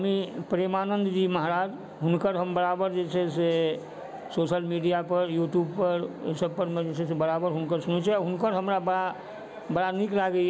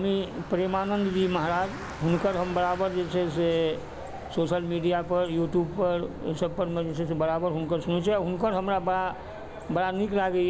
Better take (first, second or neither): first